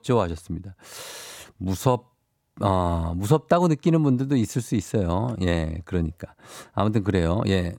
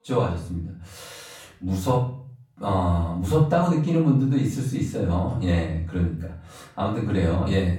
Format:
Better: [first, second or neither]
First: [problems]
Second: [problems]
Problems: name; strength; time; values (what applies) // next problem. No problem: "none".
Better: first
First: none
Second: off-mic speech; far // room echo; noticeable; dies away in 0.5 s